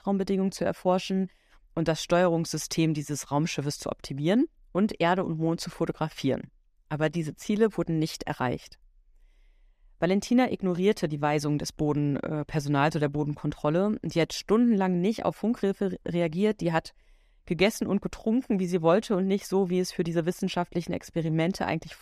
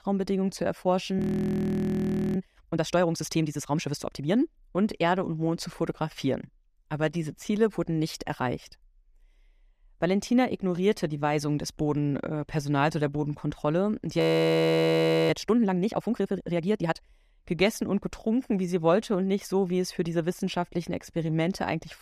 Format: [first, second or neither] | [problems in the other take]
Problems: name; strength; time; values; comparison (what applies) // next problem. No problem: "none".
first | audio freezing; at 1 s for 1 s and at 14 s for 1 s